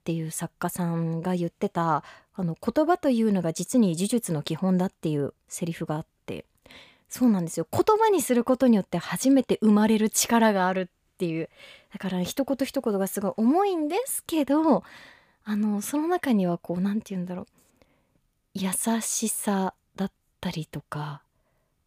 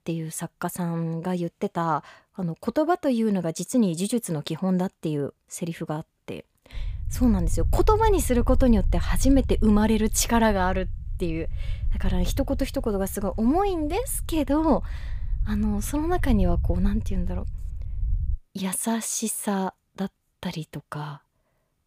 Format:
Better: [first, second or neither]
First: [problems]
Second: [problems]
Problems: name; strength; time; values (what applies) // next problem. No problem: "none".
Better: first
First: none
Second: low rumble; faint; from 6.5 to 18 s; 20 dB below the speech